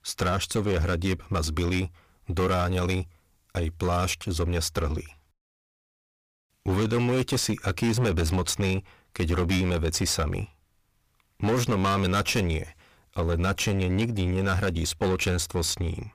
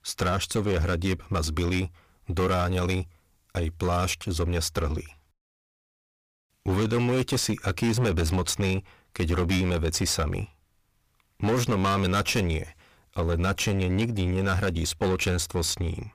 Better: neither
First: distortion; heavy; 16% of the sound clipped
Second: distortion; heavy; 16% of the sound clipped

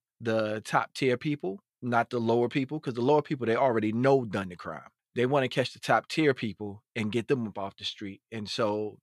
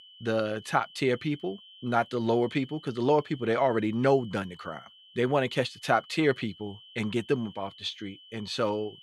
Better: first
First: none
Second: high-pitched whine; faint; throughout; 3 kHz, 20 dB below the speech

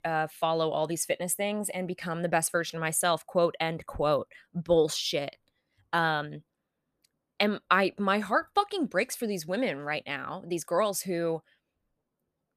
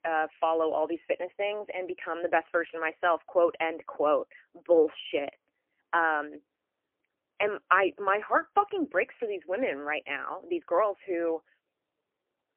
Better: first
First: none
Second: phone-call audio; poor line; nothing above 3 kHz

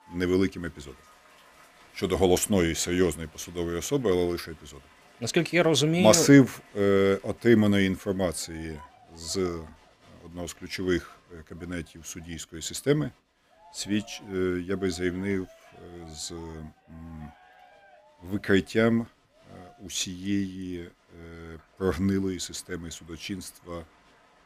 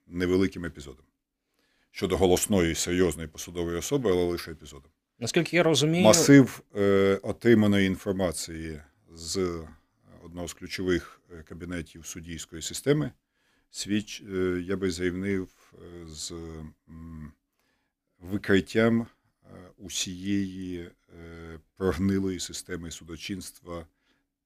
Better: second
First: crowd noise; faint; throughout; 30 dB below the speech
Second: none

